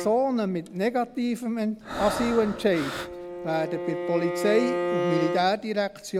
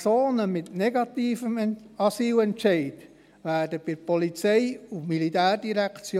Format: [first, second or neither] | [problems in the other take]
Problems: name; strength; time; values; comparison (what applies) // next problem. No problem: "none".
second | background sound (Bowed string instrument + Breathing); 5 dB below the speech